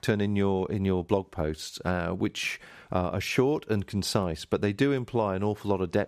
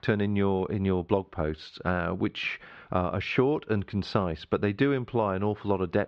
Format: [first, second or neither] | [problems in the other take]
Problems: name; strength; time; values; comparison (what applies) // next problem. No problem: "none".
first | muffled; slightly; fading above 4 kHz